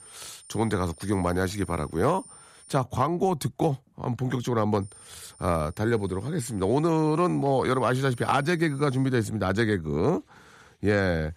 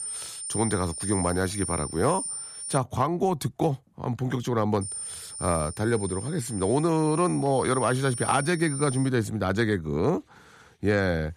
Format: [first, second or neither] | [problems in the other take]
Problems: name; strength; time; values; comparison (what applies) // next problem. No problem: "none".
first | high-pitched whine; loud; until 3 s and from 5 to 9 s; 9 kHz, 7 dB below the speech; faint in the first